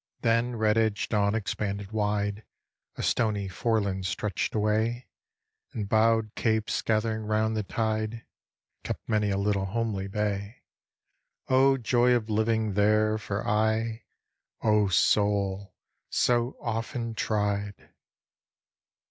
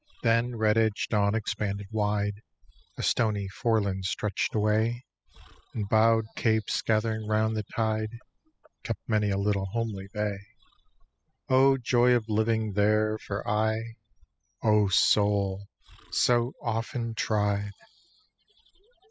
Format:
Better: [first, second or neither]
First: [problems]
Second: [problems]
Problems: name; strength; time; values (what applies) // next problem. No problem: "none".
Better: first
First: none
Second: noise reduction (classical method spectral subtraction)